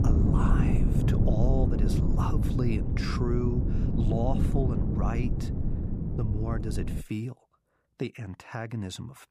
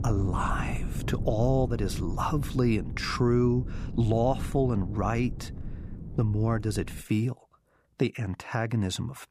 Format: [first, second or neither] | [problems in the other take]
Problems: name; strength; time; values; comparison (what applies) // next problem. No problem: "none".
second | wind noise on the microphone; heavy; until 7 s; 1 dB below the speech; occasional gusts in the second